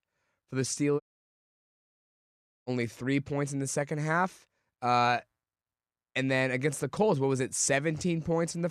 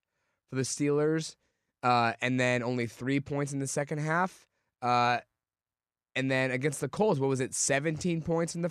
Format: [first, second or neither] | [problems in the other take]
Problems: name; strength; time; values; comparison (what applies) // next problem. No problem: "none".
second | audio cutting out; at 1 s for 1.5 s